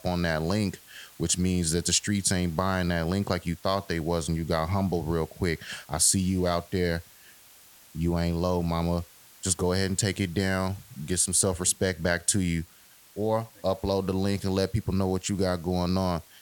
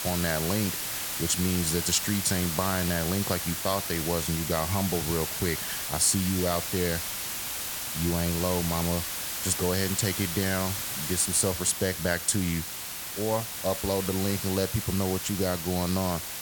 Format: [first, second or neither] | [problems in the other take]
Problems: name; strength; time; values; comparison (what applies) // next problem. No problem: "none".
first | hiss; loud; throughout; 2 dB below the speech; faint in the first